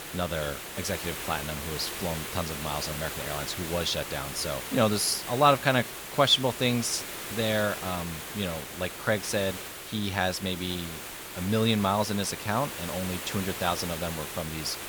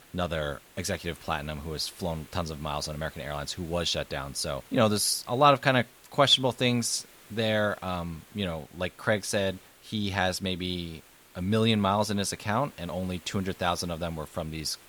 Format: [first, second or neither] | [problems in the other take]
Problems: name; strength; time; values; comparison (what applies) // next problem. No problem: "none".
second | hiss; loud; throughout; 7 dB below the speech; faint in the second